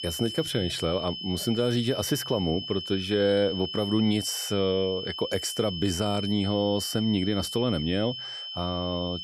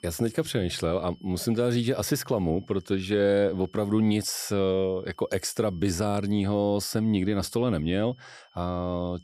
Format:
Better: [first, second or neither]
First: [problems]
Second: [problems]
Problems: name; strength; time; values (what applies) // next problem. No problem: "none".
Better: second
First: high-pitched whine; loud; throughout; 3 kHz, 6 dB below the speech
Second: high-pitched whine; faint; throughout; 3 kHz, 30 dB below the speech